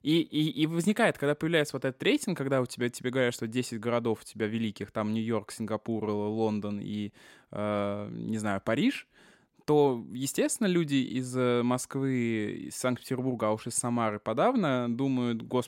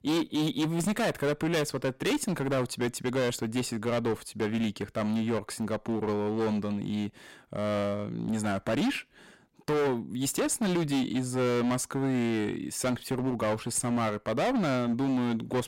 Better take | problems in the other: first | distortion; heavy; 17% of the sound clipped

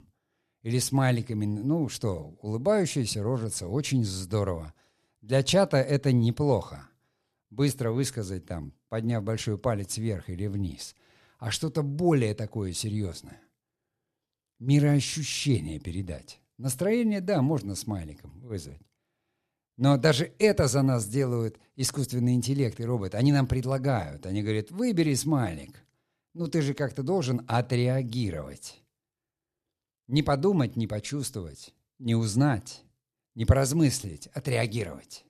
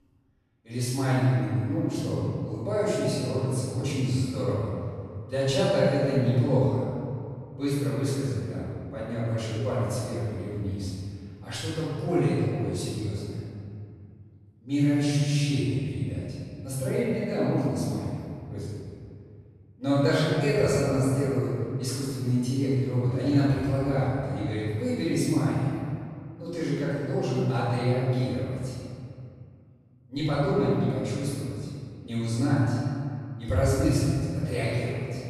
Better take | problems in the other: first | room echo; strong; dies away in 2.2 s // off-mic speech; far

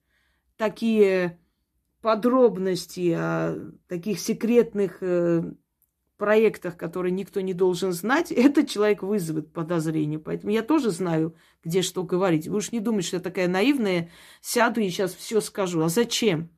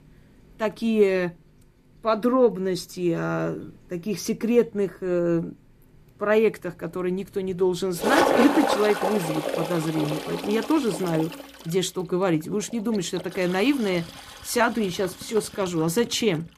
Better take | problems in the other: first | household noises; loud; throughout; 4 dB below the speech

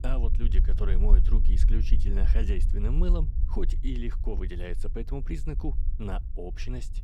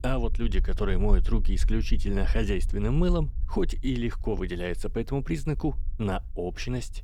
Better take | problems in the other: second | low rumble; loud; throughout; 9 dB below the speech; faint in the second

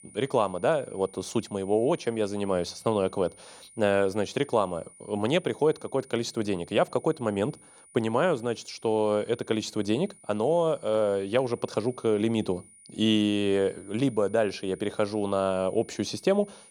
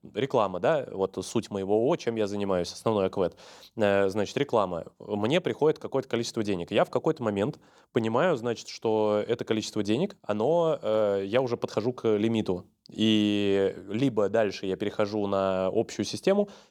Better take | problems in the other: second | high-pitched whine; faint; throughout; 9.5 kHz, 25 dB below the speech

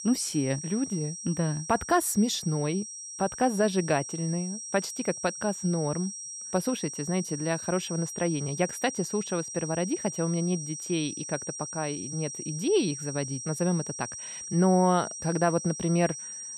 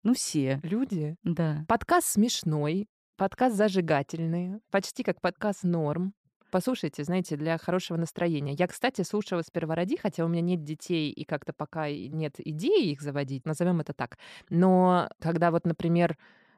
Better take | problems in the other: second | high-pitched whine; loud; throughout; 5.5 kHz, 7 dB below the speech

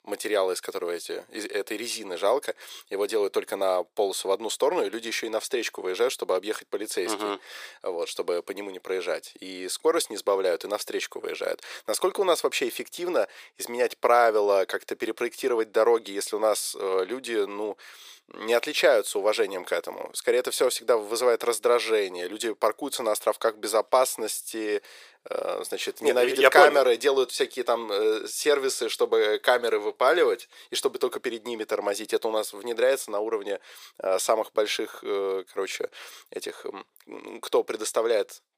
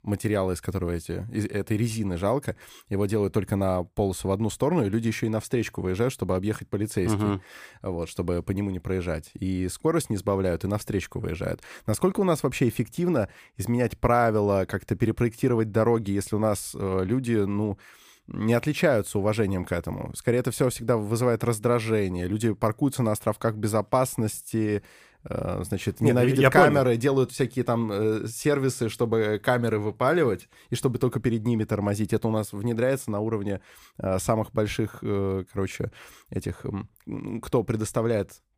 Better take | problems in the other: second | thin; very; fading below 450 Hz

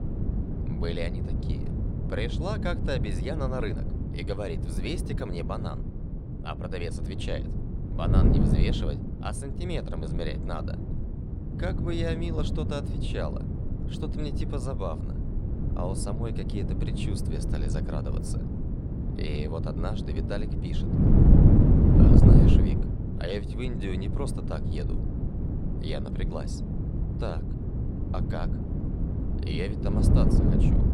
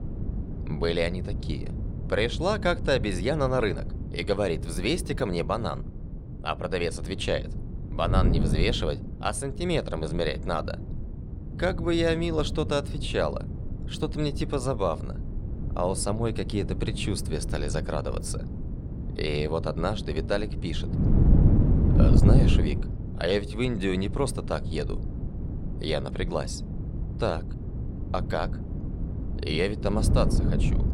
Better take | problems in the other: second | wind noise on the microphone; heavy; as loud as the speech; occasional gusts in the second

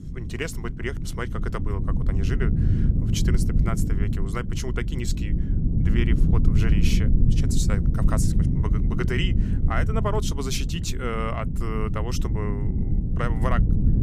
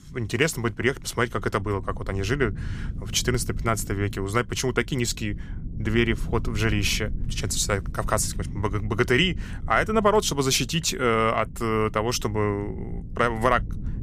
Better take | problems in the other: second | low rumble; loud; throughout; 4 dB below the speech; faint in the second

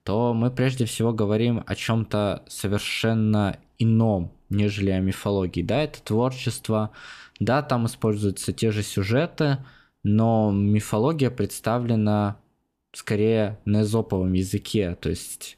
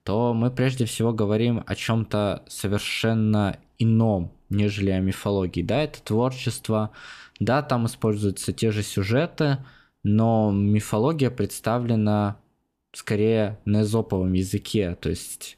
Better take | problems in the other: neither | none

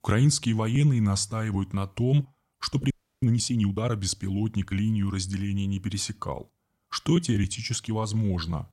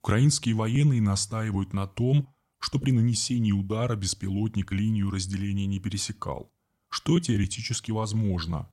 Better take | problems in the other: second | audio freezing; at 3 s

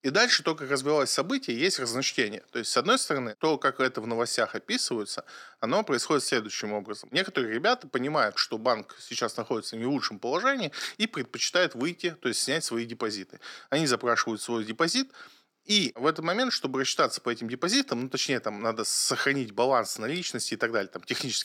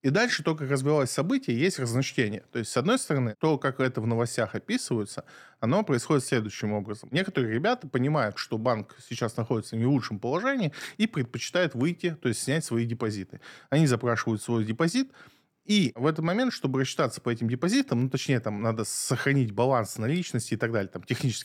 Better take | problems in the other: second | thin; somewhat; fading below 300 Hz

